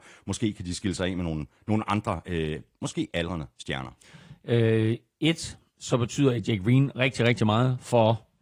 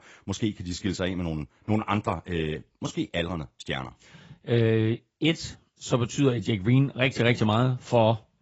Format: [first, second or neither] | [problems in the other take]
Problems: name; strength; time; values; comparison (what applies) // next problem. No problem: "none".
first | garbled, watery; badly; nothing above 7.5 kHz; slightly in the first